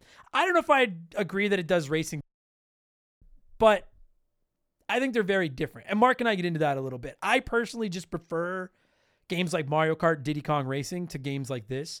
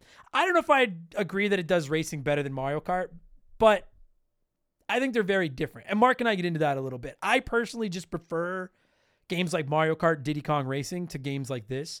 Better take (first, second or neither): second